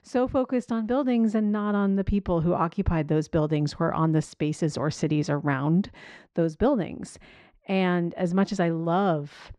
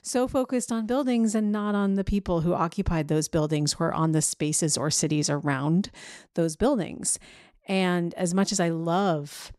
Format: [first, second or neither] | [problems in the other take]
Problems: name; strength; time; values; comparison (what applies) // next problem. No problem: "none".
second | muffled; slightly; fading above 2.5 kHz